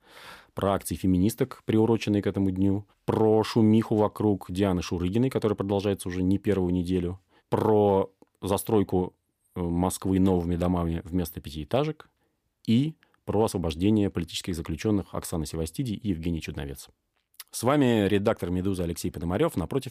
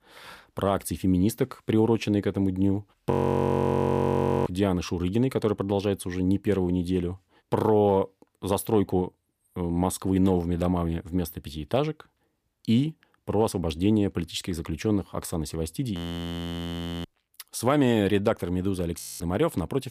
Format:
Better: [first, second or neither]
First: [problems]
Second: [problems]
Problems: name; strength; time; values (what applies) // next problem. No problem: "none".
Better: first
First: none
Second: audio freezing; at 3 s for 1.5 s, at 16 s for 1 s and at 19 s